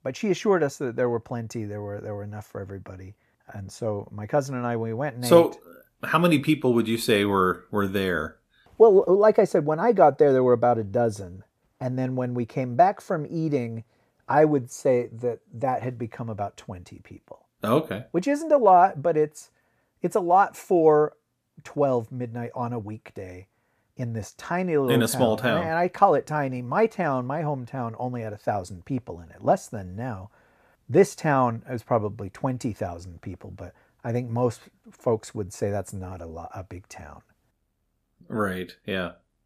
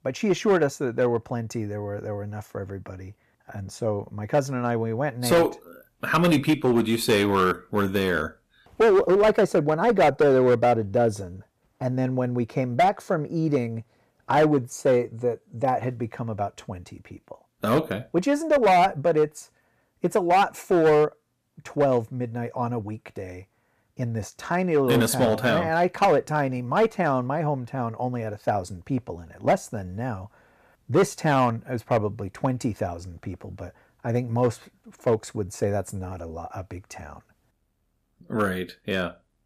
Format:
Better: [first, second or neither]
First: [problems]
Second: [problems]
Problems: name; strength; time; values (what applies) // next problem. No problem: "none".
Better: first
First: none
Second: distortion; slight; 4% of the sound clipped